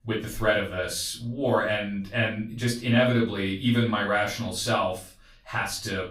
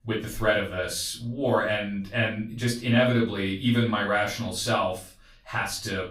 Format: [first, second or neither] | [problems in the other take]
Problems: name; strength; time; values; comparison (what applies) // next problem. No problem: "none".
neither | off-mic speech; far; the same in both // room echo; slight; dies away in 0.3 s; the same in both